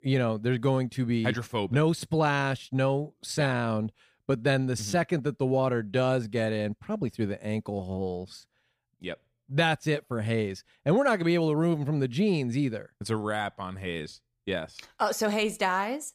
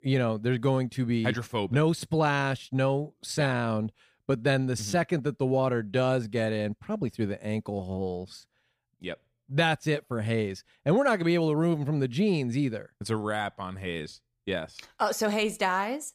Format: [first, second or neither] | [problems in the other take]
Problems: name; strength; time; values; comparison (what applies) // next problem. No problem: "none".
neither | none